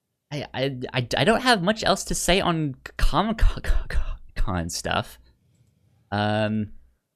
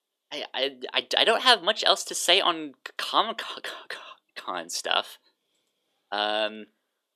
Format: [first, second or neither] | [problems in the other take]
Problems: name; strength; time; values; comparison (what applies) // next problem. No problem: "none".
first | thin; very; fading below 350 Hz